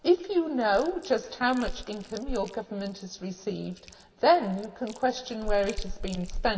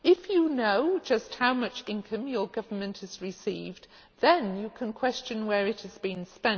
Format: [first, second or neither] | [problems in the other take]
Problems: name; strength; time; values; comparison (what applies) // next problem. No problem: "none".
second | background sound (Chewing, mastication); 10 dB below the speech // room echo; dies away in 2.1 s